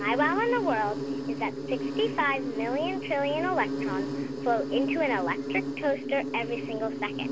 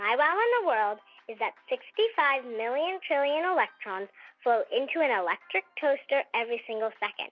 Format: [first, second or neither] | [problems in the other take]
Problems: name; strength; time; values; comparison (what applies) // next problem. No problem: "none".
second | background sound (Insect); 2 dB below the speech